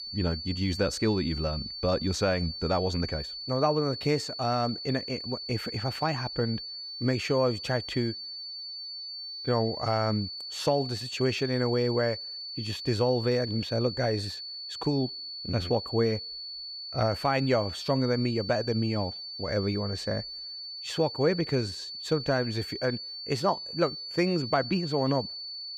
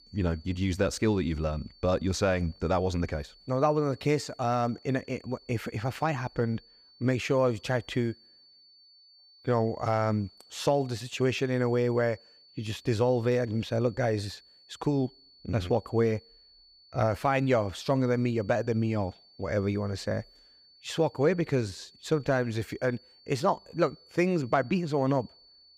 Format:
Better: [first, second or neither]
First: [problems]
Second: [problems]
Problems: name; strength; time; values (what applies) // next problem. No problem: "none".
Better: second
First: high-pitched whine; loud; throughout; 4.5 kHz, 7 dB below the speech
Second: high-pitched whine; faint; throughout; 4.5 kHz, 25 dB below the speech